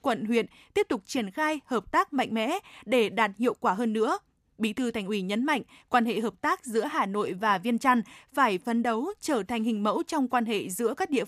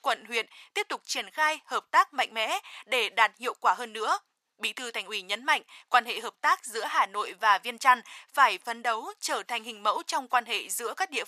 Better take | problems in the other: first | thin; very; fading below 950 Hz

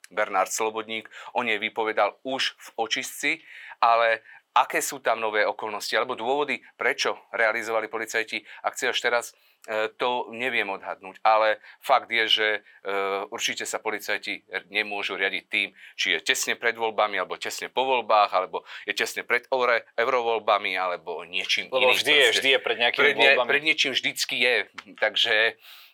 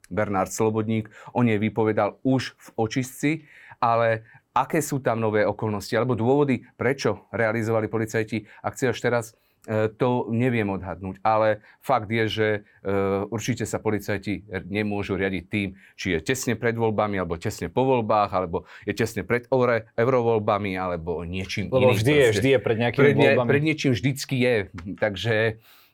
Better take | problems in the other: second | thin; very; fading below 650 Hz

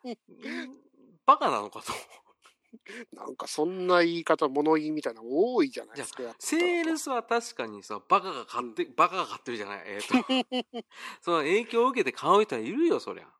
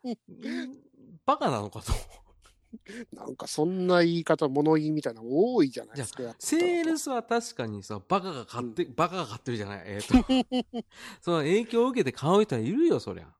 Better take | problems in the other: second | thin; somewhat; fading below 350 Hz

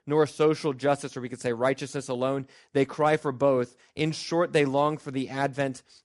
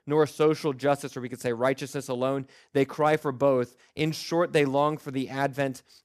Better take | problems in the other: second | garbled, watery; slightly; nothing above 11 kHz

